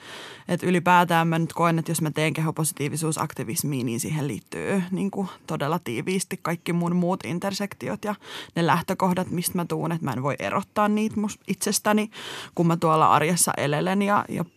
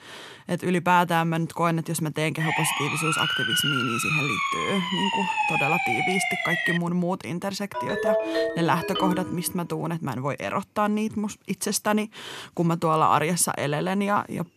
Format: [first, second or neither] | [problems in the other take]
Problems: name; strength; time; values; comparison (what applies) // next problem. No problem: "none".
first | siren; loud; from 2.5 to 7 s; peak 4 dB above the speech // phone ringing; loud; from 7.5 to 9.5 s; peak 2 dB above the speech